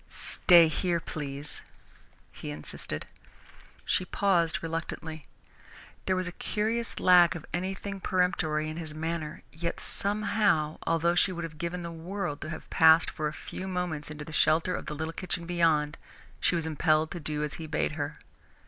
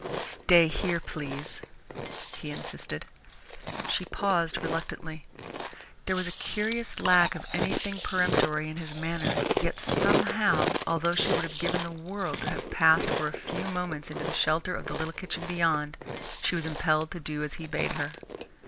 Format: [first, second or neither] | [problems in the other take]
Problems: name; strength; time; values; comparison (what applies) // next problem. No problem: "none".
first | background sound (Chewing, mastication); 4 dB below the speech